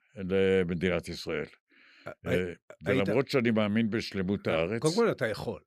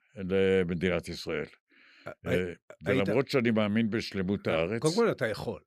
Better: neither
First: none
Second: none

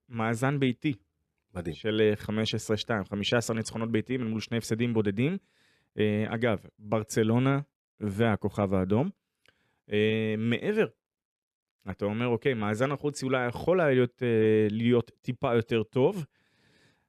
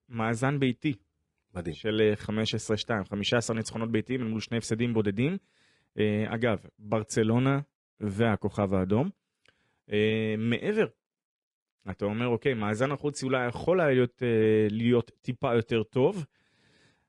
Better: first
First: none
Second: garbled, watery; slightly; nothing above 10.5 kHz

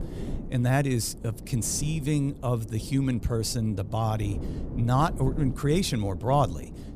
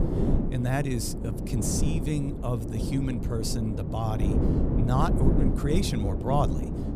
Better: first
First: wind noise on the microphone; occasional gusts; 15 dB below the speech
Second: wind noise on the microphone; heavy; 3 dB below the speech

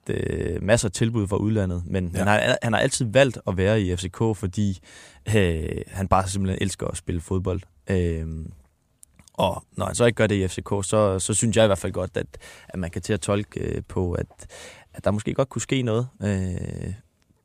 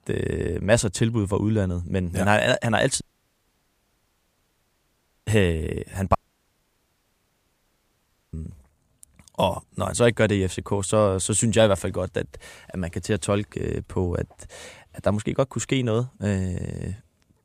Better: first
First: none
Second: audio cutting out; at 3 s for 2.5 s and at 6 s for 2 s

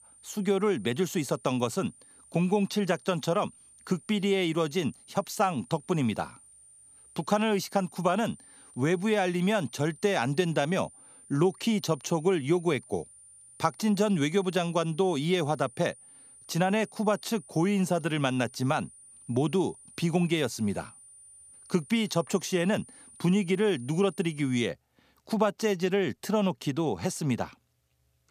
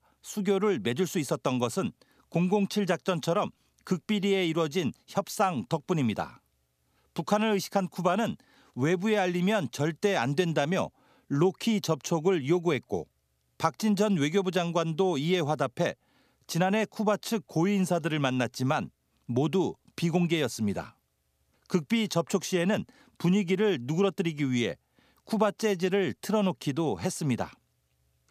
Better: second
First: high-pitched whine; faint; until 25 s; 9.5 kHz, 20 dB below the speech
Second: none

